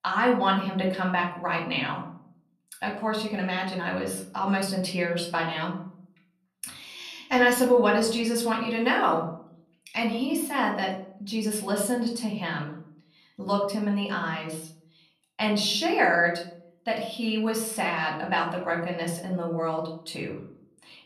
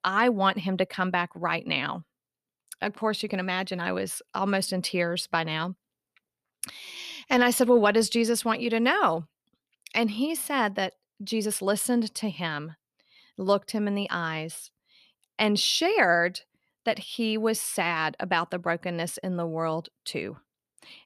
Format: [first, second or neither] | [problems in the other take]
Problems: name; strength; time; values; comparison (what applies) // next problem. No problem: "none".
second | off-mic speech; far // room echo; slight; dies away in 0.5 s